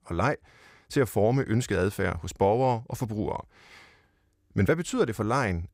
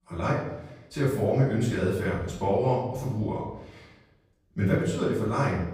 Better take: first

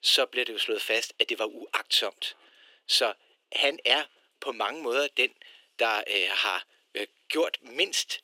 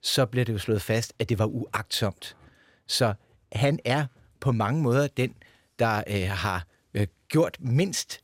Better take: second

